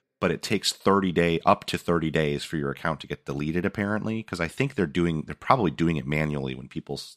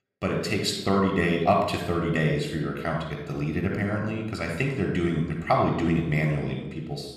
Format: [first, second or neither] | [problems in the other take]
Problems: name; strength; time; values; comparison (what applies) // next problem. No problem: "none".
first | off-mic speech; somewhat distant // room echo; noticeable; dies away in 0.8 s